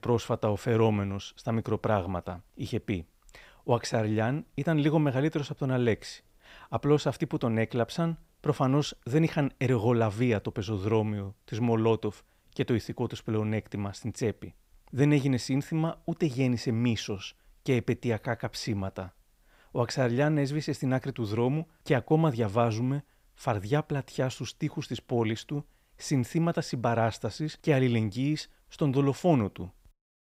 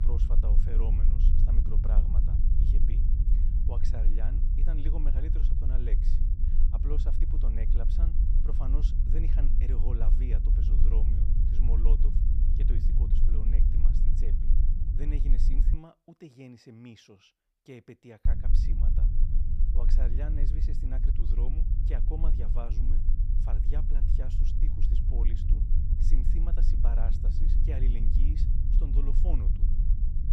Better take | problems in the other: first | low rumble; loud; until 16 s and from 18 s on; 1 dB below the speech

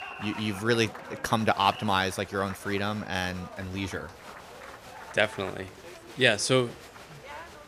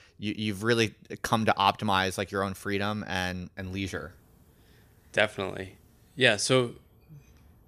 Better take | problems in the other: second | crowd noise; noticeable; throughout; 15 dB below the speech

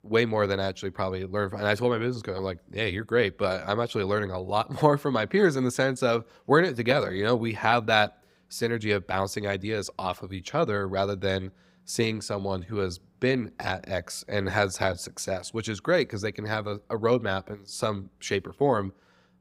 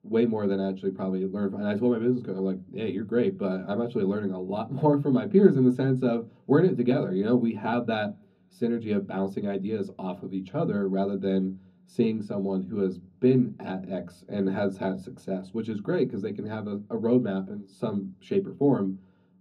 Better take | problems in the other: first | room echo; slight; dies away in 0.3 s // off-mic speech; far

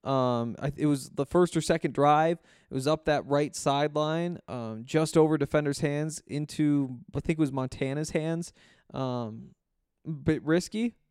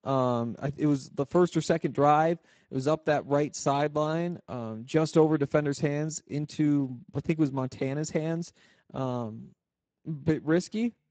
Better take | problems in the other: first | garbled, watery; badly; nothing above 7.5 kHz

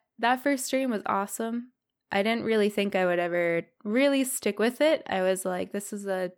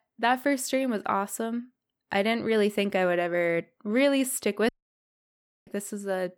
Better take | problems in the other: first | audio cutting out; at 4.5 s for 1 s

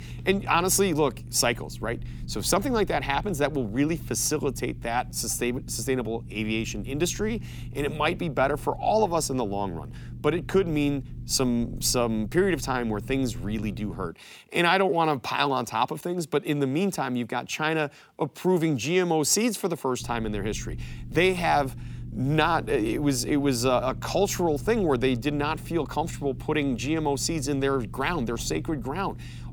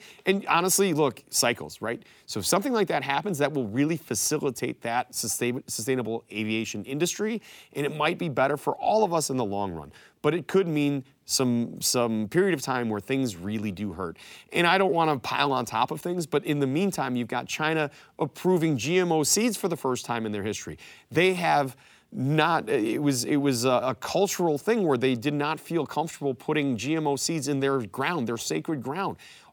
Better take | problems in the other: second | low rumble; faint; until 14 s and from 20 s on; 25 dB below the speech

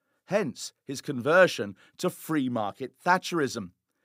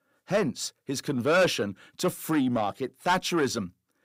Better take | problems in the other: first | distortion; heavy; 7 dB below the speech

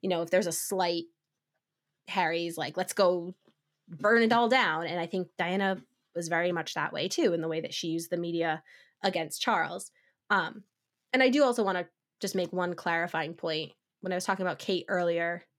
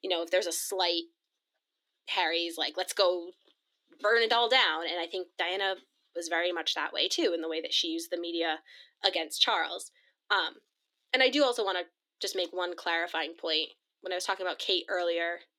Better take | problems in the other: first | thin; somewhat; fading below 300 Hz

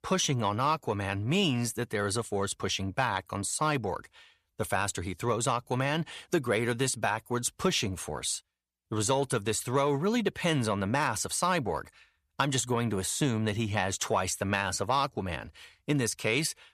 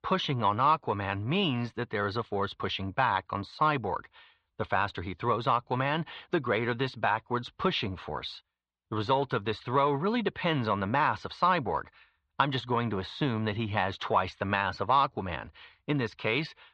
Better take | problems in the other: first | muffled; very; fading above 4 kHz

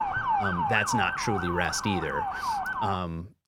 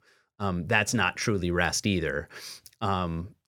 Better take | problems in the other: second | siren; loud; until 3 s; peak 3 dB above the speech

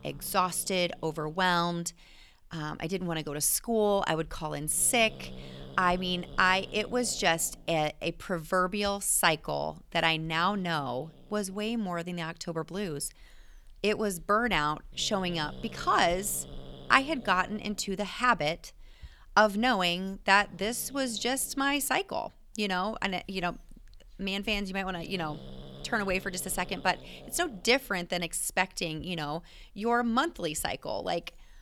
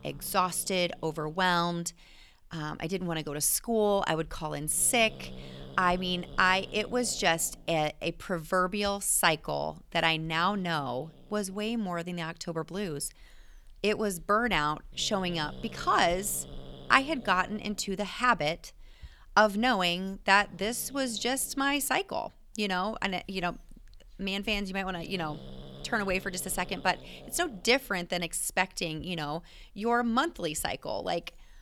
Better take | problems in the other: neither | animal sounds; faint; throughout; 20 dB below the speech; the same in both

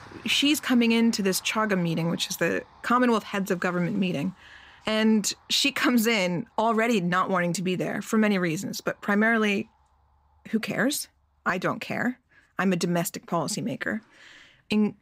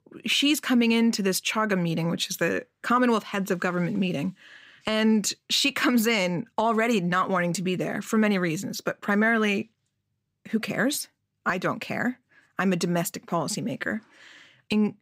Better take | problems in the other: second | traffic noise; faint; throughout; 30 dB below the speech

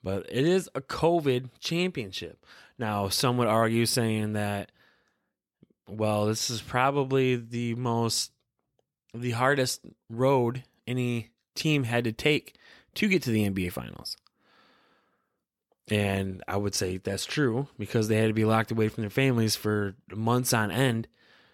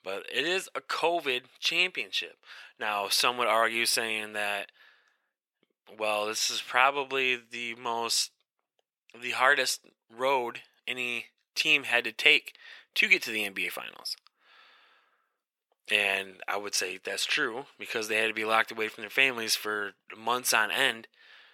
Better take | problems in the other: first | thin; very; fading below 600 Hz

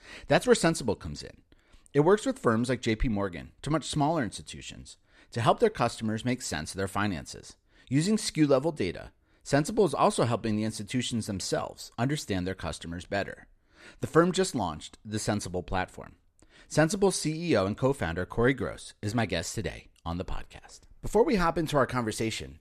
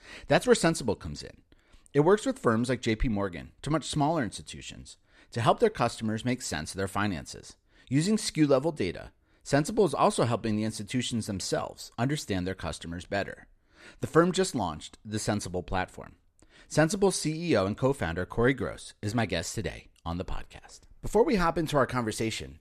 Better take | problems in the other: neither | none

